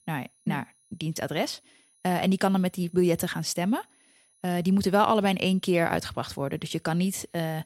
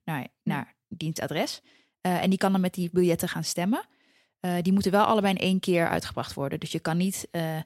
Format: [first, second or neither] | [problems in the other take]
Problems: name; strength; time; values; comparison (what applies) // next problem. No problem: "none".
second | high-pitched whine; faint; throughout; 10.5 kHz, 35 dB below the speech